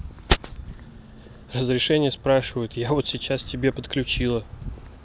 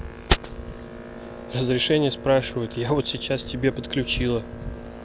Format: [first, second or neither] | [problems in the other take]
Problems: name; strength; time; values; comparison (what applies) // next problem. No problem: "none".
first | background sound (Boat, Water vehicle); 14 dB below the speech